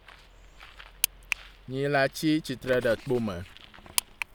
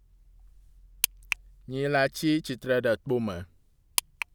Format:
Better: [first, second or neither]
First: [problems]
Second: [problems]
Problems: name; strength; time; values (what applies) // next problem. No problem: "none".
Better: second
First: background sound (Bird); 19 dB below the speech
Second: none